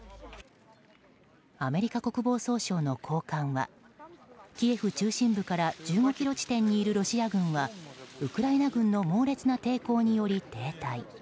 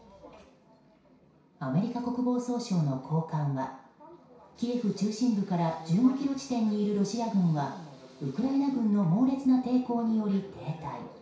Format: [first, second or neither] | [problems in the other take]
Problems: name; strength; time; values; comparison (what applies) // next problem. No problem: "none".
first | room echo; dies away in 0.6 s